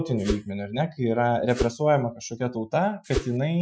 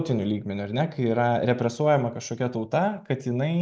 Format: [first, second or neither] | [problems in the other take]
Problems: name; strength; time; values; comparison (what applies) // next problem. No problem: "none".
second | noise reduction (classical method Wiener filter)